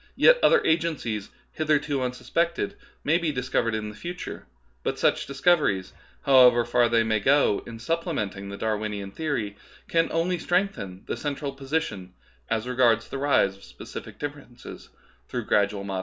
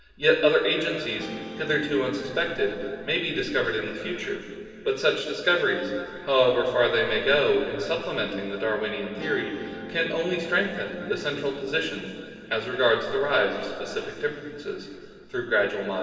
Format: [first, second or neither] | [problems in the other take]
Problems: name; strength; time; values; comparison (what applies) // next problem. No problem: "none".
first | background sound (Guitar); 18 dB below the speech // room echo; dies away in 2.5 s